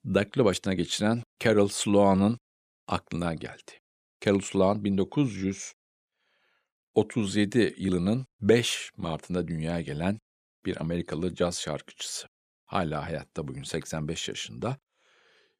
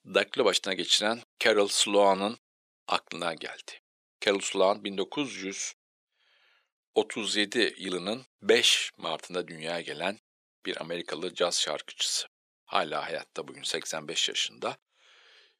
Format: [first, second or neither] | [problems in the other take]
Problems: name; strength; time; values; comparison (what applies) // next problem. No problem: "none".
first | thin; somewhat; fading below 450 Hz